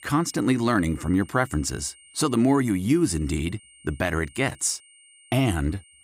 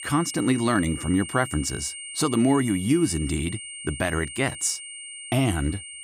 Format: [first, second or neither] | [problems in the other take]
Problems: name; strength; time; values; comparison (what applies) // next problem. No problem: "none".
first | high-pitched whine; loud; throughout; 8.5 kHz, 10 dB below the speech; faint in the first